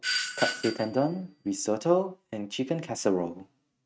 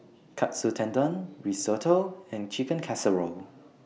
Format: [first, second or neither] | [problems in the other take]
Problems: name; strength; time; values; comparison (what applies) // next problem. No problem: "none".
second | noise reduction (neural mask model RNNoise)